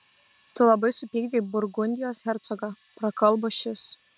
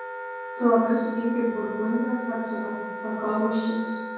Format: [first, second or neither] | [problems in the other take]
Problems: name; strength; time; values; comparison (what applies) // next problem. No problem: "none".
first | background sound (Wind instrument, woodwind instrument); 8 dB below the speech // room echo; dies away in 1.3 s